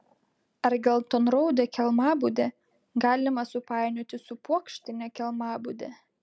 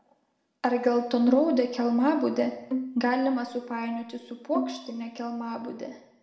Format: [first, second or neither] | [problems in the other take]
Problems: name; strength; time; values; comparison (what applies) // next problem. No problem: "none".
first | background sound (Bowed string instrument); 9 dB below the speech // room echo; dies away in 0.9 s